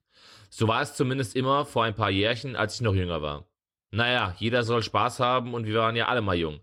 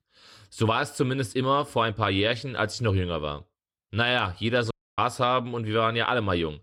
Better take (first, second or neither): first